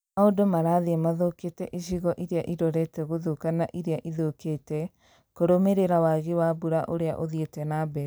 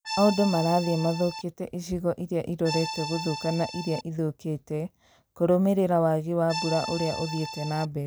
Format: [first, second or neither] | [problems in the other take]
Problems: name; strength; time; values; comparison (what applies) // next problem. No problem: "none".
first | background sound (Accordion); 8 dB below the speech